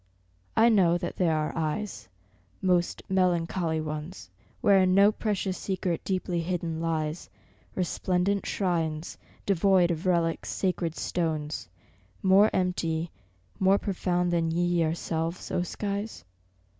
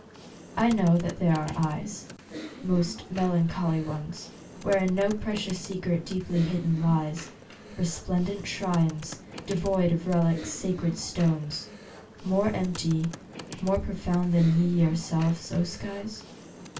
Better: first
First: none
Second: background sound (Computer keyboard); 16 dB below the speech // room echo; dies away in 0.2 s

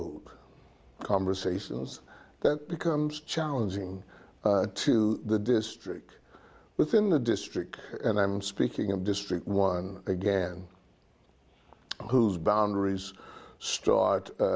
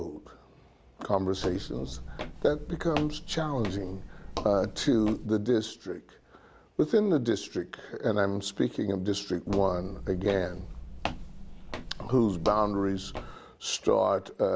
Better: first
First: none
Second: background sound (Walk, footsteps); 9 dB below the speech

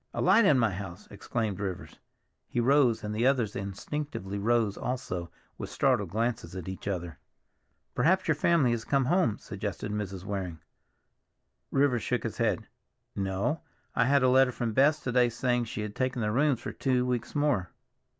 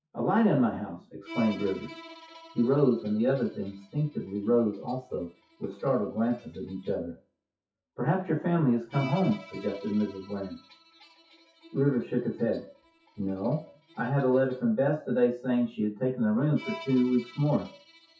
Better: first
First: none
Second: noise reduction (classical method WPE with log-MMSE)

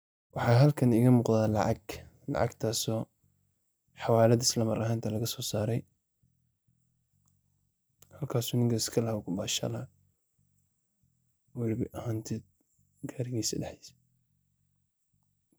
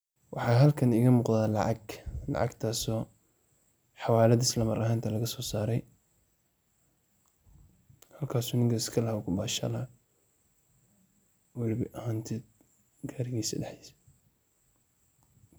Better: second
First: noise reduction (neural mask model DeepFilterNet 3)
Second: none

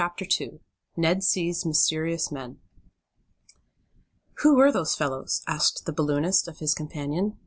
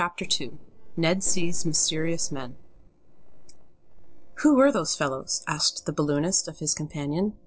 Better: first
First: none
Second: noise reduction (neural separator model SepFormer DNS4)

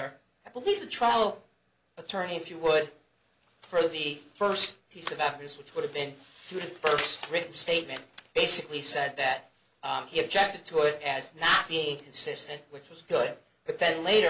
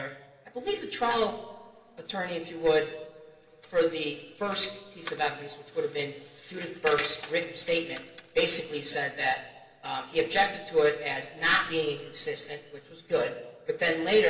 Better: first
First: none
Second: room echo; dies away in 2.9 s

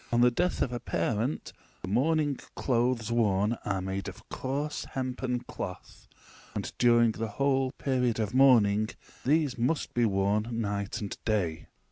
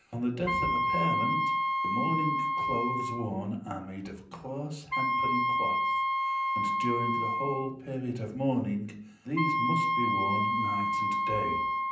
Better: first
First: none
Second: background sound (Wind instrument, woodwind instrument); 4 dB above the speech // room echo; dies away in 0.6 s

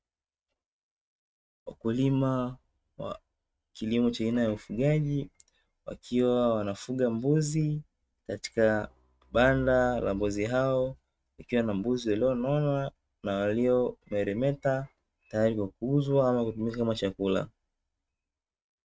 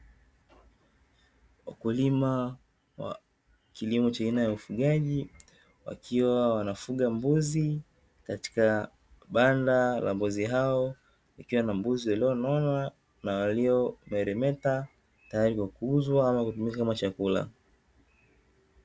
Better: second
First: noise reduction (neural mask model RNNoise)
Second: none

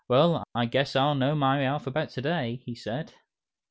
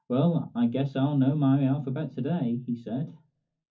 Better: first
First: none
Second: room echo; dies away in 0.3 s

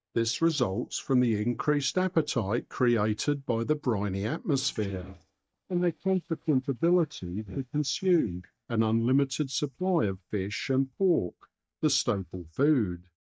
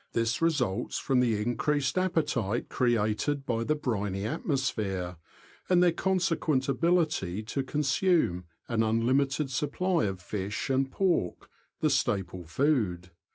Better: second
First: noise reduction (neural mask model DeepFilterNet 3)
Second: none

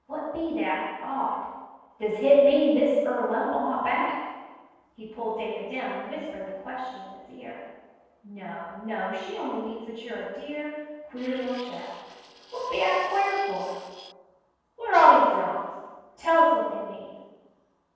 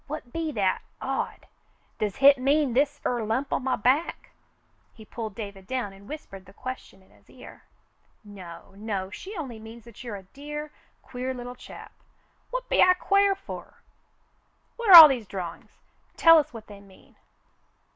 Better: second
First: noise reduction (neural separator model SepFormer DNS4)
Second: none

